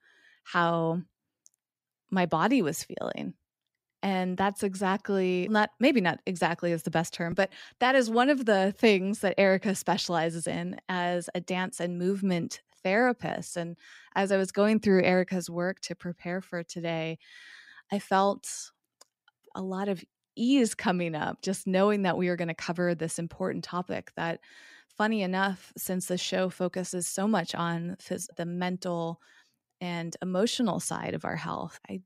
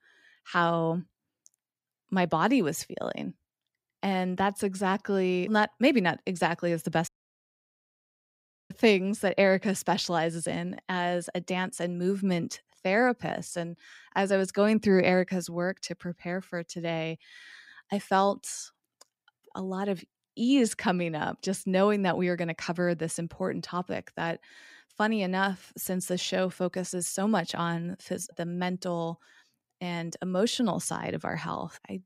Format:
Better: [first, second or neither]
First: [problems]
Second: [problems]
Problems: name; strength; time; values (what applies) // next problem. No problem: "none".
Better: first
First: none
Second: audio cutting out; at 7 s for 1.5 s